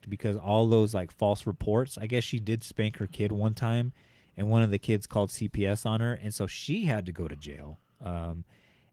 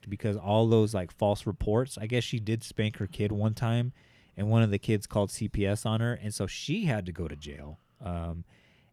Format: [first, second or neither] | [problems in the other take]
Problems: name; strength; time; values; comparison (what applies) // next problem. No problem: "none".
second | garbled, watery; slightly